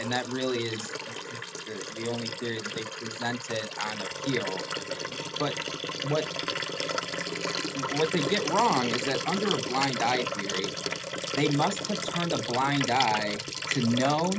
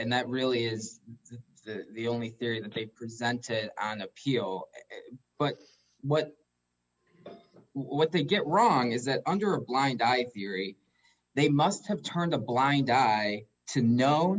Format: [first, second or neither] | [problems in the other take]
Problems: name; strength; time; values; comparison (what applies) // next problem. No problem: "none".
second | background sound (Liquid); 3 dB below the speech